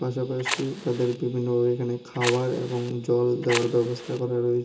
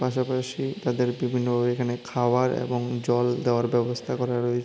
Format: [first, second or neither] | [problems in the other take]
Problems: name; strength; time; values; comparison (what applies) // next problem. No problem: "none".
second | background sound (Fire); 10 dB below the speech // room echo; dies away in 0.2 s